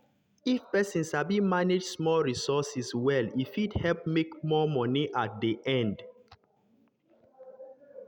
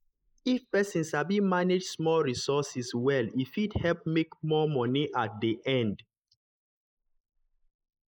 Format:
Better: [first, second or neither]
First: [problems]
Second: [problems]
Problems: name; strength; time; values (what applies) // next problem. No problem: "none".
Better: first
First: none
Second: noise reduction (neural mask model Resemble Enhance denoiser)